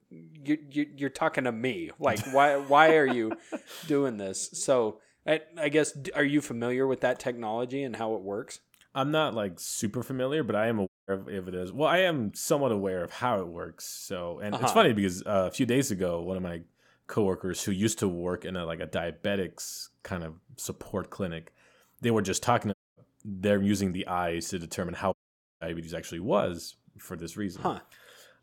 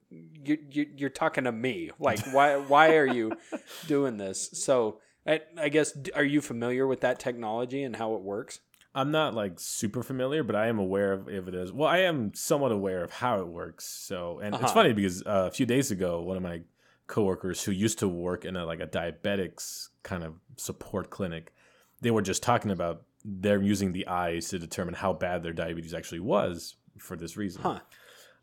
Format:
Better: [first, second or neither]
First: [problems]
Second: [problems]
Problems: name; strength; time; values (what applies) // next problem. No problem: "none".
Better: second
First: audio cutting out; at 11 s, at 23 s and at 25 s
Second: none